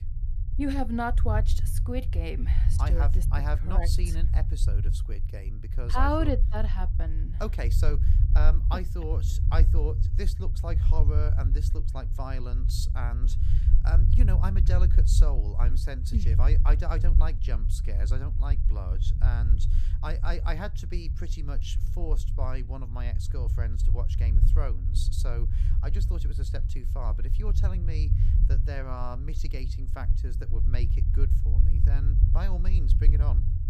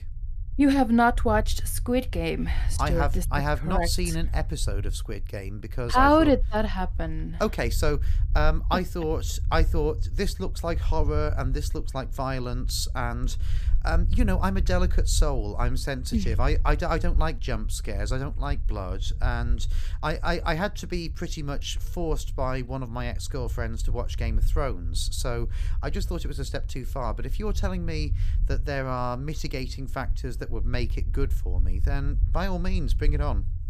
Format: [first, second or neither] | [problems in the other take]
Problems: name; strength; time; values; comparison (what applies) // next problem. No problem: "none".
second | low rumble; loud; throughout; 8 dB below the speech; faint in the second